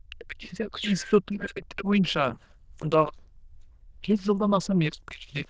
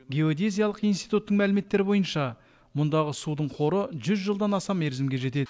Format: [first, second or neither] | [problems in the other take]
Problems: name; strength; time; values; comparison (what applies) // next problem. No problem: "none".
second | noise reduction (neural diffusion model UNIVERSE++)